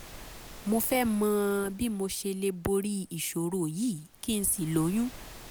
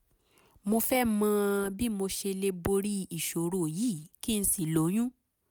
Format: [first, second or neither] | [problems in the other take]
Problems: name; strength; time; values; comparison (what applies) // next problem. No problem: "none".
second | background sound (Waves, surf); 19 dB below the speech